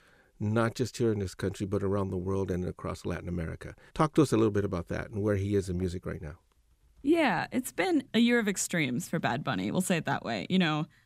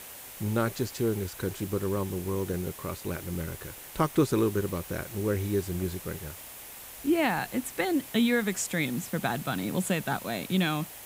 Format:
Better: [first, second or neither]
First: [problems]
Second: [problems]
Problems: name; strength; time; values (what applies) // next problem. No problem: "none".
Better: first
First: none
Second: hiss; noticeable; throughout; 10 dB below the speech